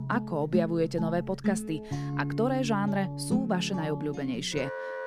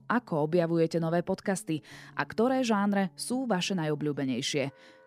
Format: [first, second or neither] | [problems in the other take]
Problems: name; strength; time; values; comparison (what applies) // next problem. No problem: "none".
second | background music; loud; throughout; 4 dB below the speech; faint in the second